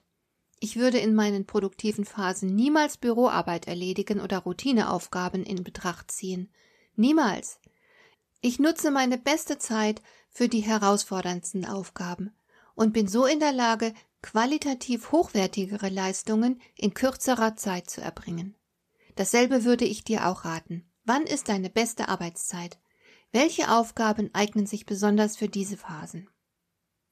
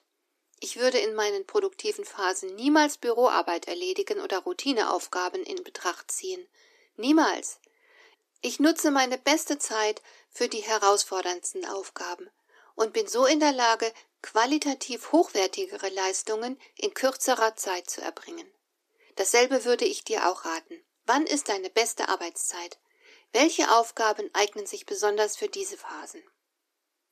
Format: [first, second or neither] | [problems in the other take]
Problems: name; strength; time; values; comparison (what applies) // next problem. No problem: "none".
first | thin; somewhat; fading below 300 Hz